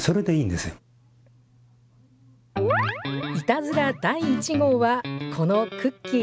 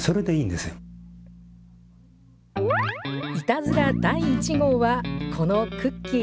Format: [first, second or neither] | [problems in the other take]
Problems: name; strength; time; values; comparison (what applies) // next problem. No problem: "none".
first | background sound (Bass guitar); 7 dB below the speech